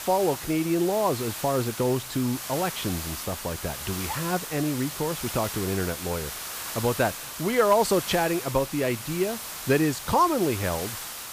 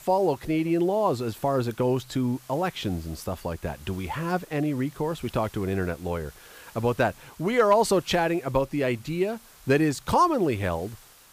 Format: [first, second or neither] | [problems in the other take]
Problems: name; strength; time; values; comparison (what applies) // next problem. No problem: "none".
second | hiss; loud; throughout; 7 dB below the speech; faint in the second